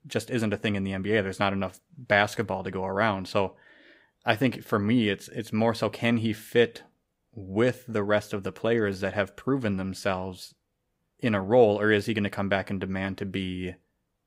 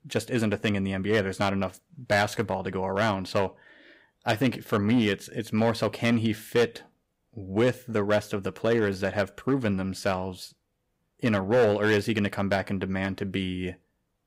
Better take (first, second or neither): first